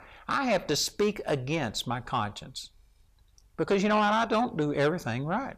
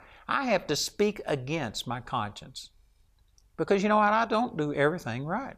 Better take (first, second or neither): second